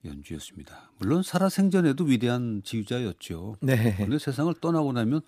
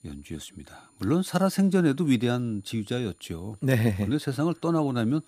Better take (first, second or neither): first